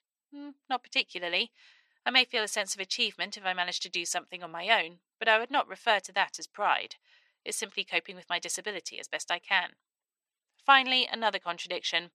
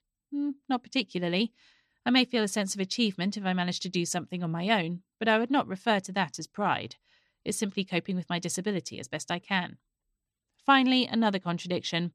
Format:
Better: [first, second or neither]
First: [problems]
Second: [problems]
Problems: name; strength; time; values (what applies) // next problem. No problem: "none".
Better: second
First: thin; very; fading below 650 Hz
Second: none